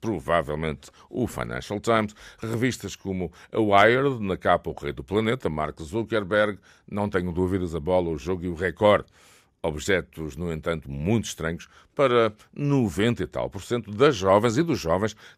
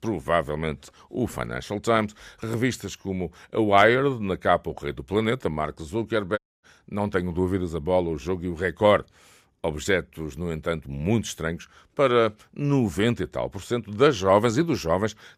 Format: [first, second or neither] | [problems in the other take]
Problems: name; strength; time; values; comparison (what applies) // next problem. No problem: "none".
first | audio cutting out; at 6.5 s